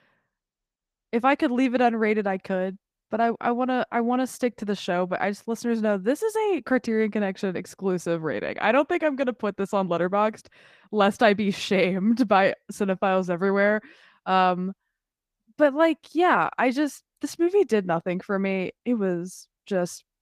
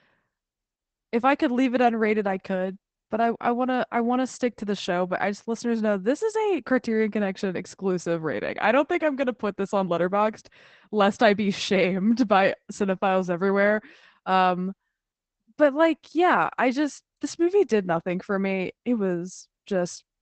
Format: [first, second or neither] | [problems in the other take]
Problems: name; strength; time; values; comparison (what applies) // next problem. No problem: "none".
first | garbled, watery; badly; nothing above 8 kHz; slightly in the first